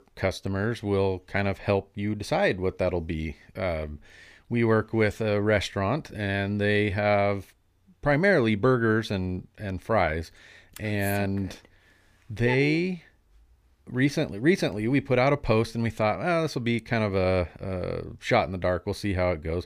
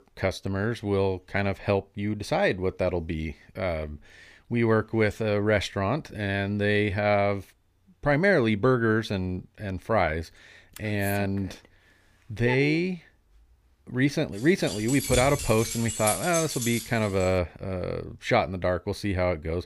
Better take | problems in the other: first | jangling keys; noticeable; from 15 to 17 s; peak 2 dB below the speech

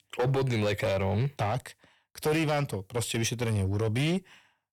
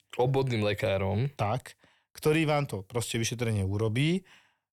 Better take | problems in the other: second | distortion; slight; 9% of the sound clipped

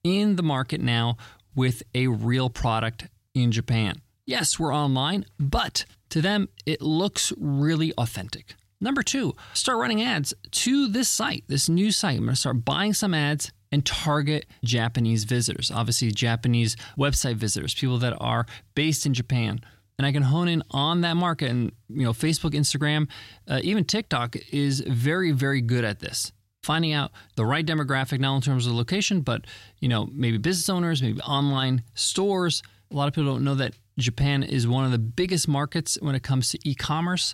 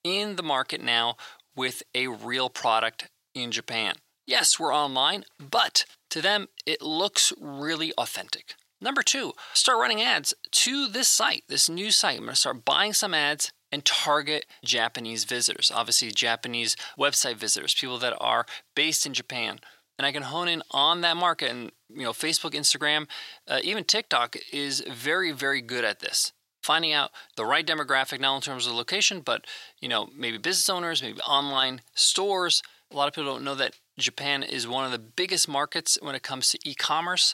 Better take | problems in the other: first | thin; very; fading below 600 Hz

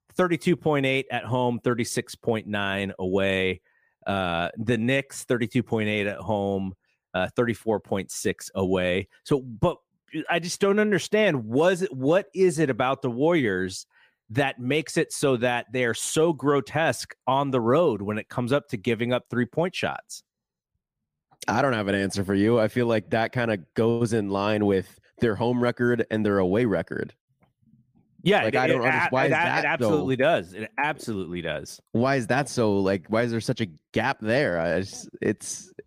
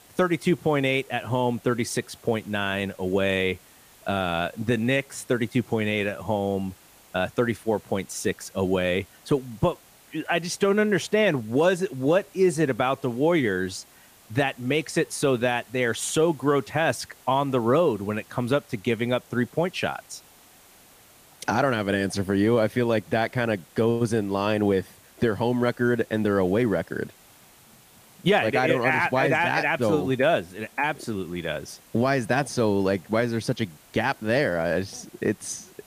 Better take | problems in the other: first | hiss; faint; throughout; 25 dB below the speech

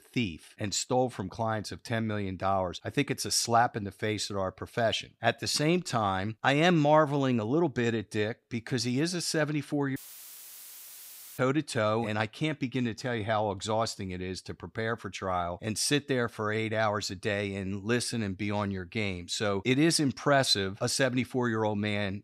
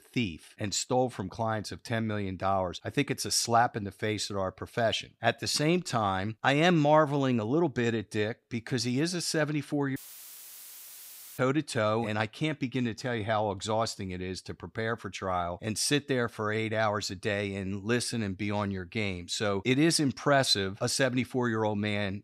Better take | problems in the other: neither | audio cutting out; filled with static; at 10 s for 1.5 s; the same in both

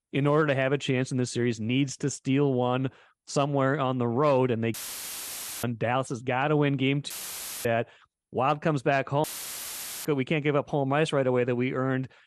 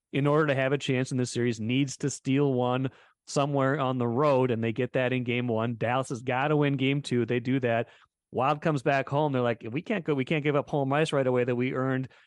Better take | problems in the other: second | audio cutting out; filled with static; at 4.5 s for 1 s, at 7 s for 0.5 s and at 9 s for 1 s

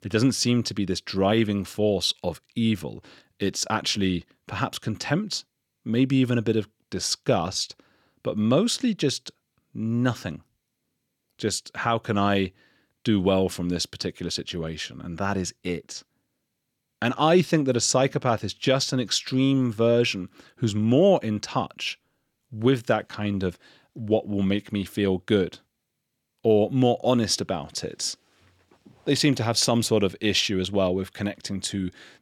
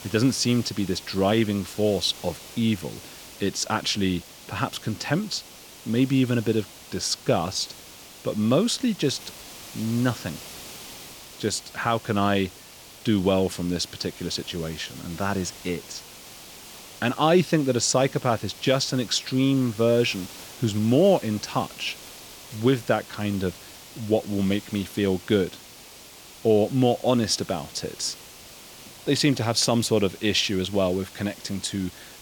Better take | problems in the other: first | hiss; noticeable; throughout; 15 dB below the speech

